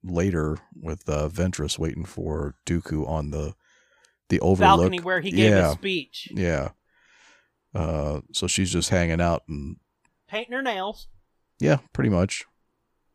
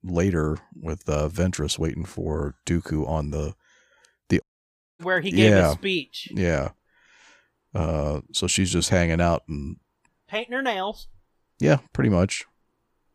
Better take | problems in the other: first | audio cutting out; at 4.5 s for 0.5 s

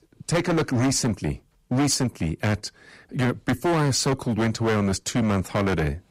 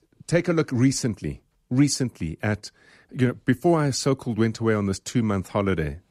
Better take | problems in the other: second | distortion; heavy; 18% of the sound clipped

